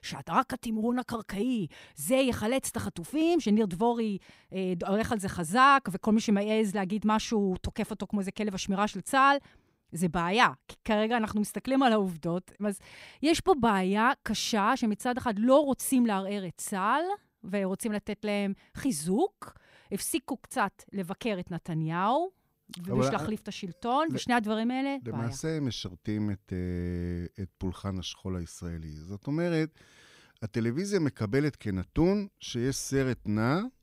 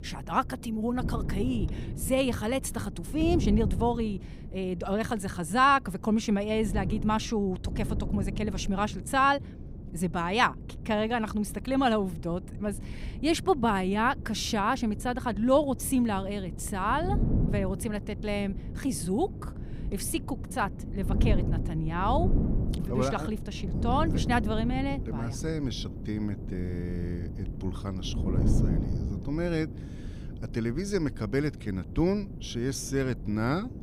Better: first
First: none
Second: wind noise on the microphone; occasional gusts; 15 dB below the speech

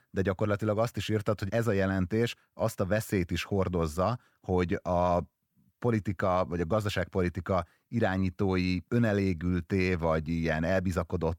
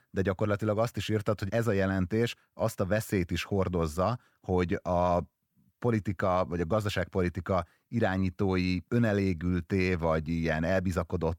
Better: neither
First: none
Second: none

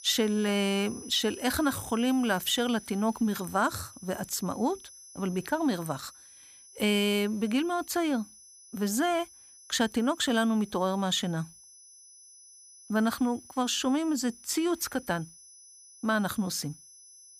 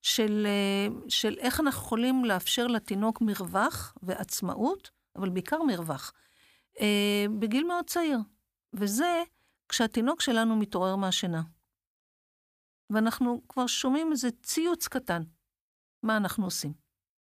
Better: second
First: high-pitched whine; noticeable; throughout; 6 kHz, 20 dB below the speech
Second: none

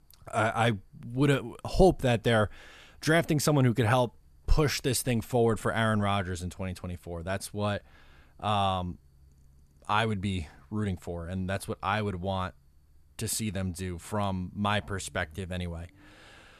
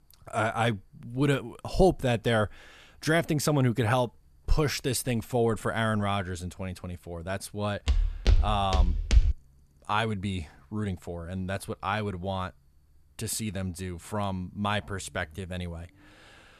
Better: first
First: none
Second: footsteps; loud; from 8 to 9.5 s; peak 4 dB above the speech

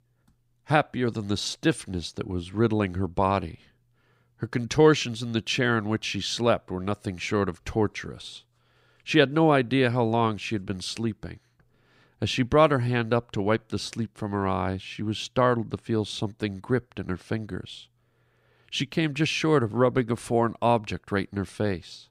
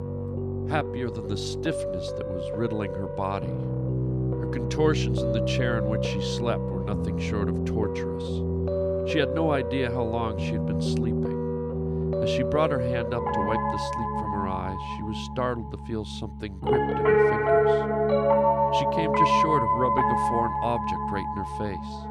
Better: first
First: none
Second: background music; very loud; throughout; 5 dB above the speech

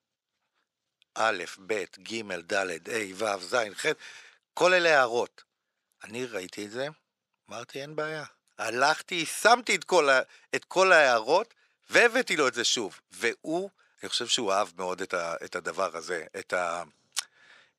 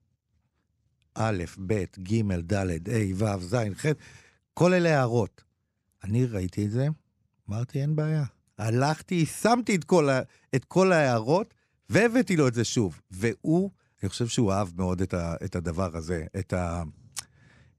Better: second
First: thin; very; fading below 600 Hz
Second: none

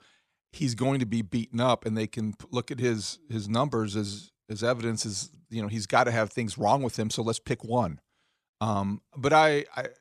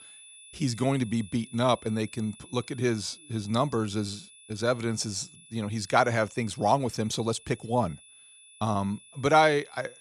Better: first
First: none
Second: high-pitched whine; faint; throughout; 10 kHz, 20 dB below the speech

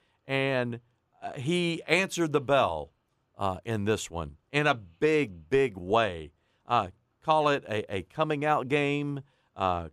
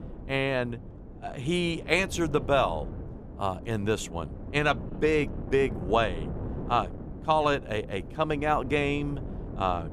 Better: first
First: none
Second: wind noise on the microphone; occasional gusts; 20 dB below the speech

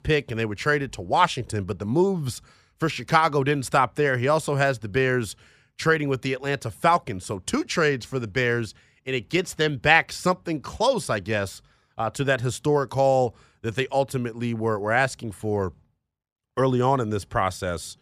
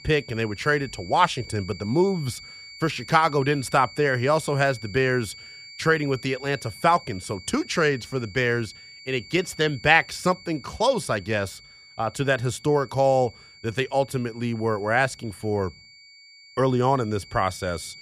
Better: first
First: none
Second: high-pitched whine; noticeable; throughout; 2 kHz, 20 dB below the speech

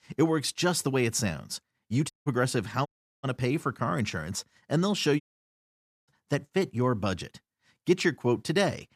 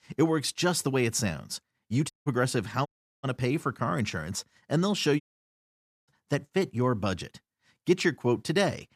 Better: neither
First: audio cutting out; at 2 s, at 3 s and at 5 s for 1 s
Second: audio cutting out; at 2 s, at 3 s and at 5 s for 1 s

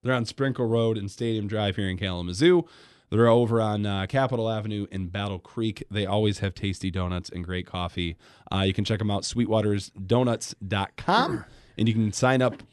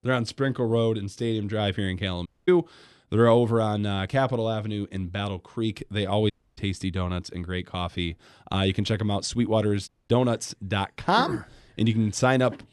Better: first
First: none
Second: audio cutting out; at 2.5 s, at 6.5 s and at 10 s

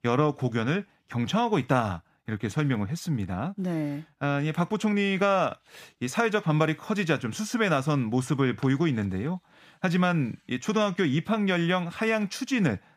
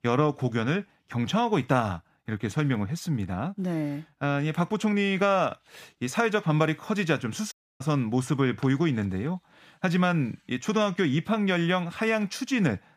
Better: first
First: none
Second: audio cutting out; at 7.5 s

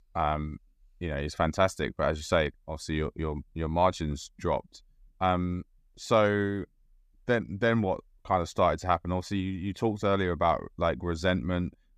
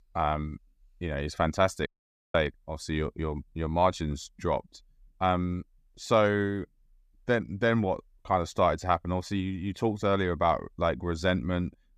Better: first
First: none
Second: audio cutting out; at 2 s

